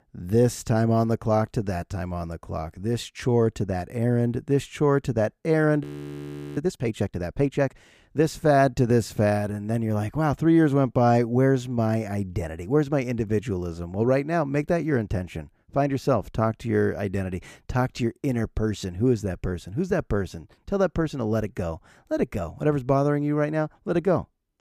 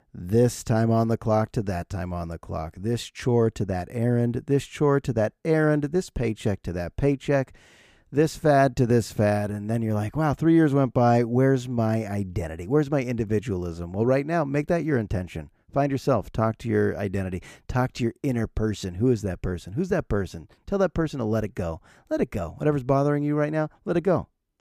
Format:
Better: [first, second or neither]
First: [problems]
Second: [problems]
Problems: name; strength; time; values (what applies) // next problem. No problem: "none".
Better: second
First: audio freezing; at 6 s for 0.5 s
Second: none